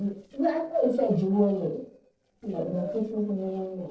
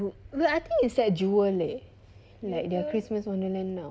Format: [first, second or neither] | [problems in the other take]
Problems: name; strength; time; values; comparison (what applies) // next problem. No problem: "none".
second | noise reduction (neural separator model SepFormer DNS4)